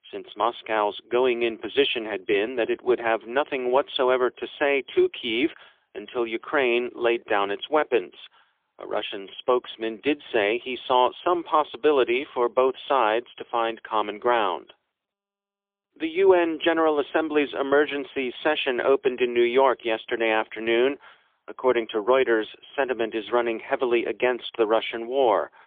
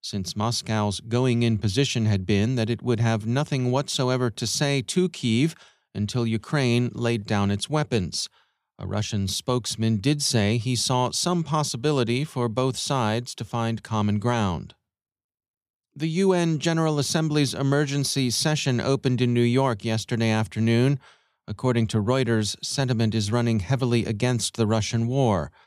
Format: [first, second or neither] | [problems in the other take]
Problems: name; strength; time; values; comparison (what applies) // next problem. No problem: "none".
second | phone-call audio; poor line; nothing above 3.5 kHz